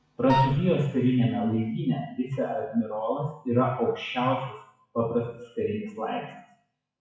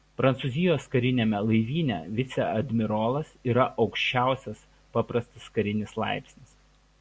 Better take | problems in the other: second | noise reduction (classical method WPE with log-MMSE)

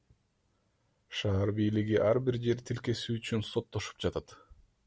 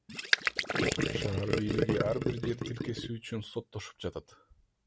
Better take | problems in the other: first | background sound (Gurgling); 5 dB above the speech

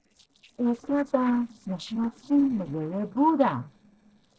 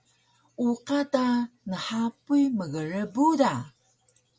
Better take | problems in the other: second | noise reduction (neural separator model SepFormer DNS4)

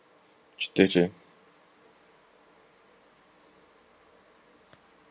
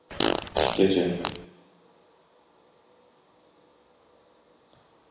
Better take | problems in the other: first | background sound (Fart); 4 dB above the speech // room echo; dies away in 1 s

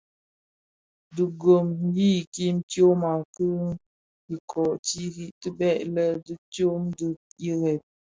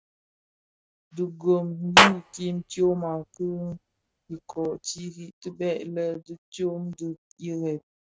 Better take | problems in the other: first | noise reduction (neural mask model RNNoise)

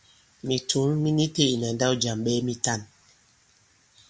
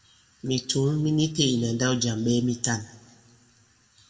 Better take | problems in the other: first | room echo; dies away in 0.9 s

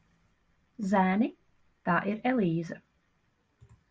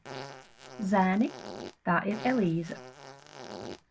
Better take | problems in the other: first | background sound (Fart); 13 dB below the speech

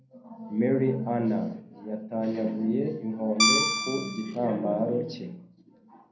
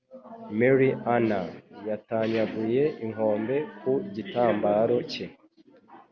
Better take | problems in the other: second | background sound (Guitar); 3 dB above the speech // room echo; dies away in 0.5 s

